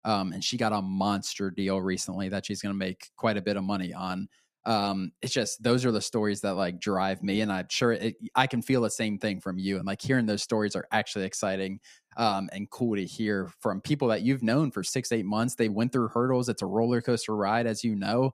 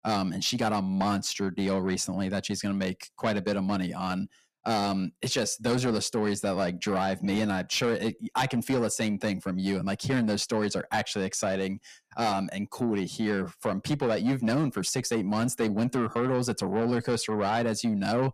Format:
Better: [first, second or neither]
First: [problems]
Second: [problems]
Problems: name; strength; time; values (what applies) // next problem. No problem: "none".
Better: first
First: none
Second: distortion; slight; 10 dB below the speech